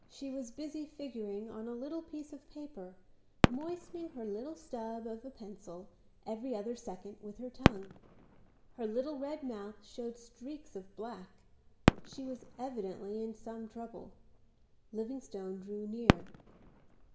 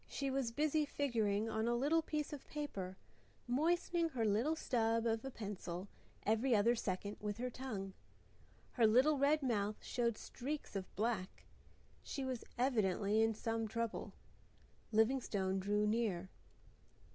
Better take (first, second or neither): second